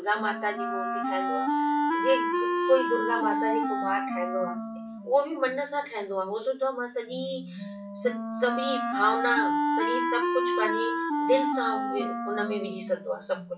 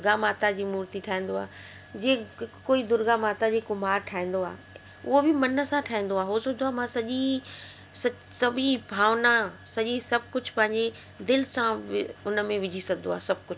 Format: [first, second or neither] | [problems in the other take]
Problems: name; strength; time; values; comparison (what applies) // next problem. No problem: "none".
second | noise reduction (classical method WPE with log-MMSE)